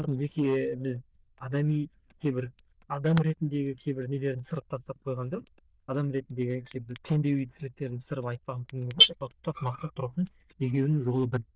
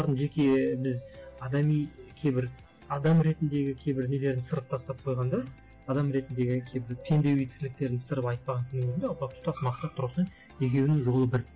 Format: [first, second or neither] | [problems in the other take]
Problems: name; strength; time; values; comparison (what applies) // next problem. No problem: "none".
second | noise reduction (neural diffusion model UNIVERSE++)